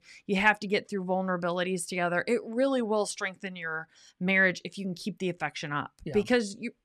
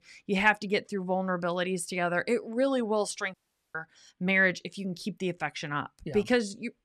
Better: first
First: none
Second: audio cutting out; at 3.5 s

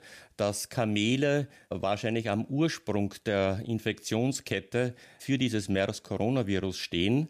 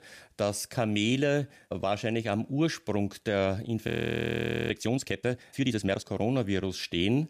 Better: first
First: none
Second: audio freezing; at 4 s for 1 s

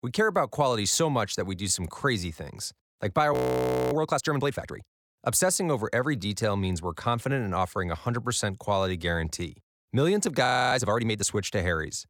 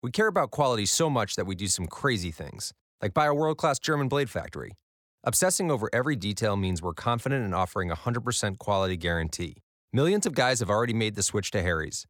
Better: second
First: audio freezing; at 3.5 s for 0.5 s and at 10 s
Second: none

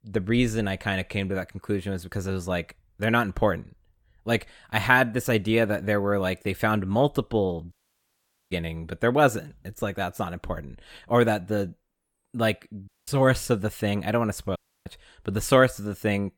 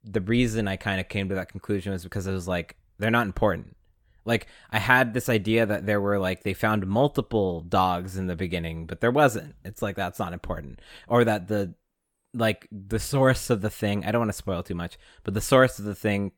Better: second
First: audio cutting out; at 7.5 s for 1 s, at 13 s and at 15 s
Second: none

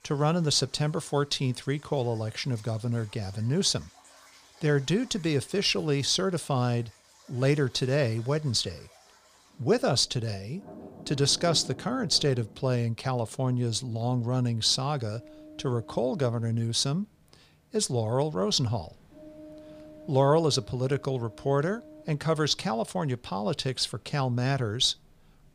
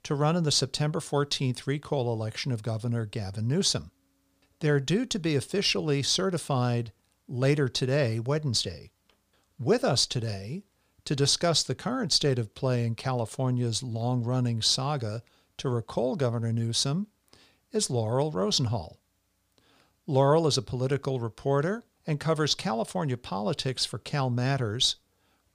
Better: second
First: rain or running water; faint; throughout; 25 dB below the speech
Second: none

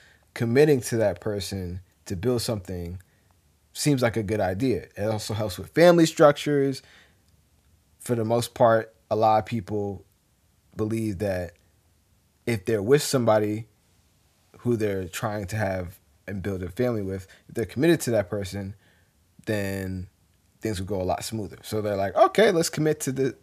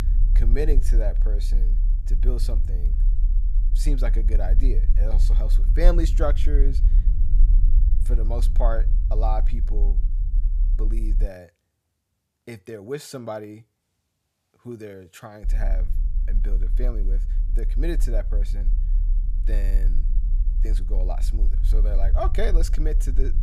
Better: first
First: none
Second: low rumble; noticeable; until 11 s and from 15 s on; 15 dB below the speech

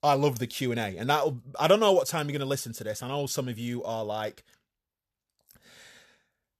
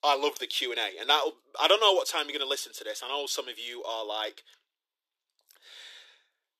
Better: first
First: none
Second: thin; very; fading below 300 Hz

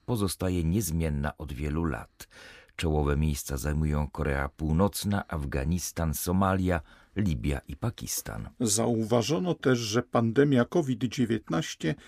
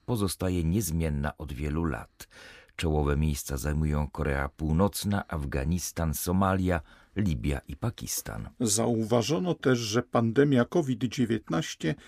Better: neither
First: none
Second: none

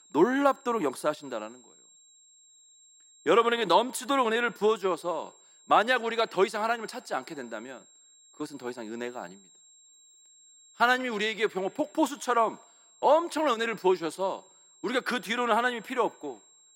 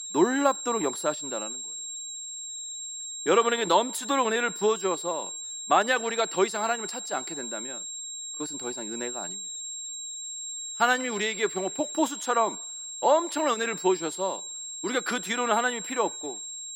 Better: first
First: high-pitched whine; faint; throughout; 7.5 kHz, 30 dB below the speech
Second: high-pitched whine; loud; throughout; 7.5 kHz, 7 dB below the speech

